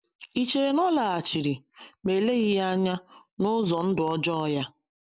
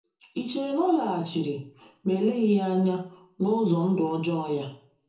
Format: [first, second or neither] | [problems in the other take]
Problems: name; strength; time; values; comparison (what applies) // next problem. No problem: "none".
first | room echo; dies away in 0.5 s